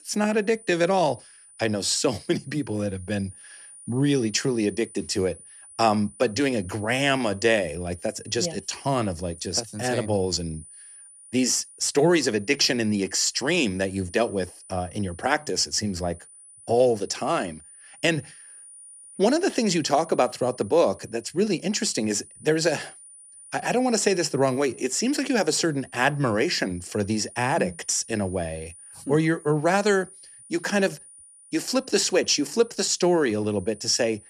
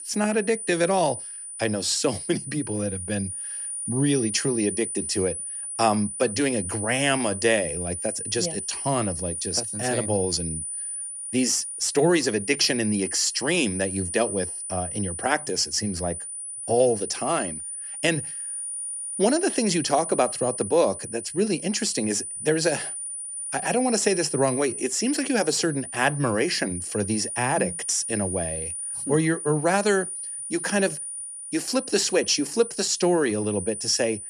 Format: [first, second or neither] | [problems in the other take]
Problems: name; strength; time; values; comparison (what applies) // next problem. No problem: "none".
first | high-pitched whine; loud; throughout; 9.5 kHz, 6 dB below the speech; faint in the first